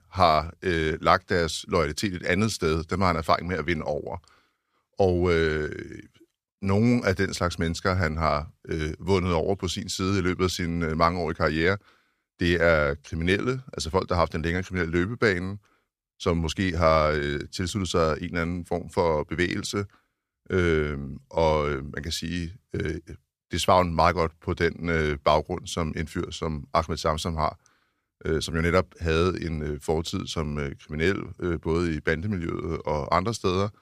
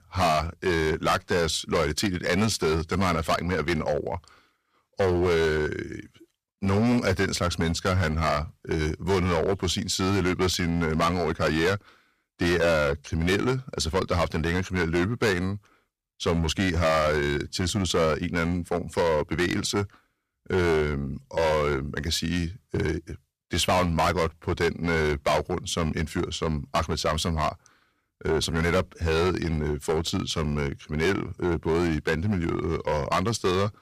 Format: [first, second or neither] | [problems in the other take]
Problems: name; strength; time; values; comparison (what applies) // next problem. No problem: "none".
first | distortion; heavy; 10% of the sound clipped